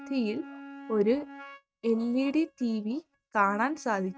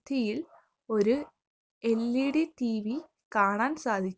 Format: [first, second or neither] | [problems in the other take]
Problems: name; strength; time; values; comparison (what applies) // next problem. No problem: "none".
second | noise reduction (neural mask model RNNoise)